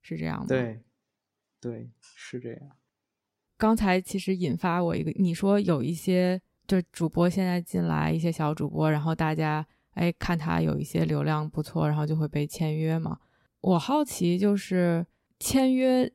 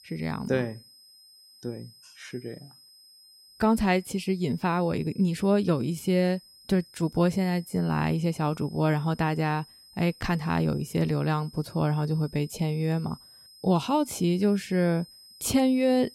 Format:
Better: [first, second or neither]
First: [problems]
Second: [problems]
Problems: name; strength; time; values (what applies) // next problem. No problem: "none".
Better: first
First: none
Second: high-pitched whine; faint; throughout; 5 kHz, 25 dB below the speech